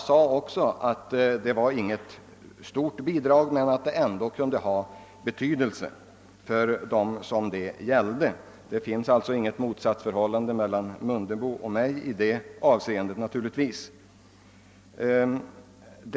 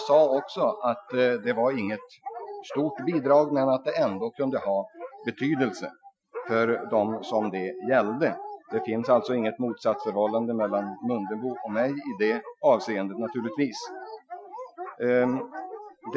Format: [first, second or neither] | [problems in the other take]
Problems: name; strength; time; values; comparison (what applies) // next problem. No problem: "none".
first | noise reduction (classical method Wiener filter)